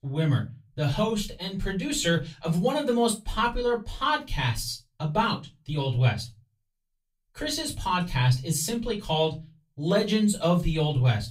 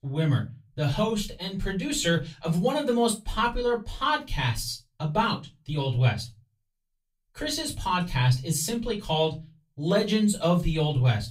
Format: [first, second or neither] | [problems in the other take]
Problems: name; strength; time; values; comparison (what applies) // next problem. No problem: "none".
neither | off-mic speech; far; the same in both // room echo; very slight; dies away in 0.2 s; the same in both